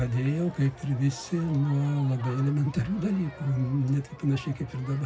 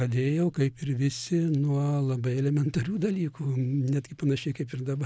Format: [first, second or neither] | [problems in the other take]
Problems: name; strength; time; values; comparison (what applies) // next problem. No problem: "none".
second | background sound (Crowd); 18 dB below the speech // room echo; dies away in 0.4 s